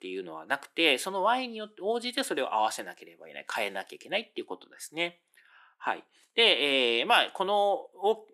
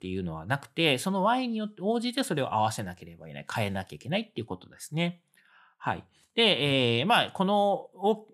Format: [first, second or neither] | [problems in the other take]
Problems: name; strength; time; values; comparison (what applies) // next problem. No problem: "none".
second | thin; somewhat; fading below 300 Hz